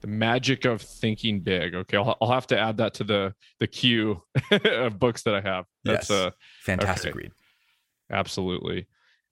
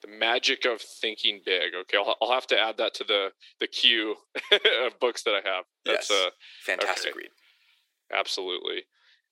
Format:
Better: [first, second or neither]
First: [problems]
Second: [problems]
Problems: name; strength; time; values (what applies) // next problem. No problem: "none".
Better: first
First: none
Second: thin; very; fading below 350 Hz